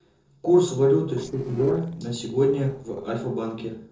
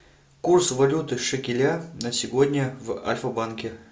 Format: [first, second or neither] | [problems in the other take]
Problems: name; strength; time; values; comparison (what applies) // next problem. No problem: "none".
second | noise reduction (neural separator model SepFormer DNS4)